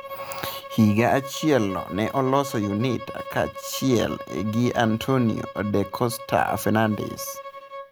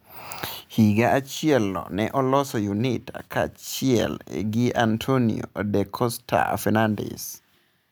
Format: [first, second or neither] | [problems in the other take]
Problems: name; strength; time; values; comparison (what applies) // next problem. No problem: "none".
second | background sound (Bowed string instrument); 13 dB below the speech